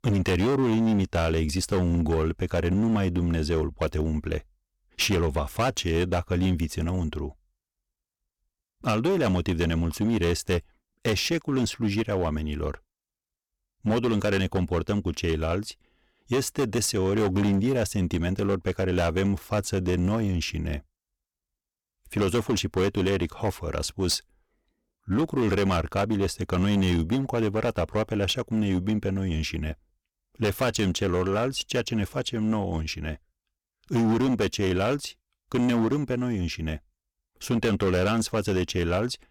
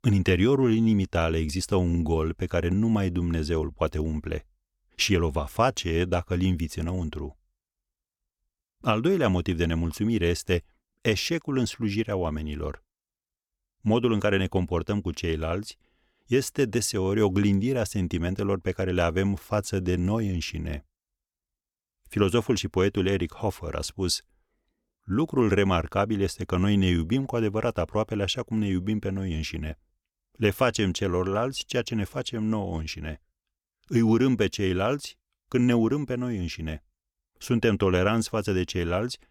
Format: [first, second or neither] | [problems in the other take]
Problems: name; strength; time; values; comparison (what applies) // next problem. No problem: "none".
second | distortion; slight; 12% of the sound clipped